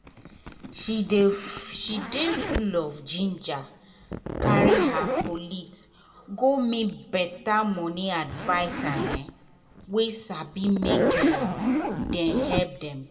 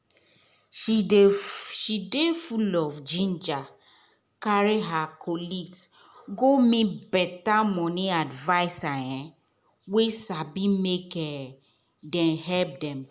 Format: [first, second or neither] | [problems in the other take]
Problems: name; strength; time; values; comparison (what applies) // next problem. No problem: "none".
second | background sound (Zipper (clothing)); 1 dB below the speech // room echo; dies away in 1 s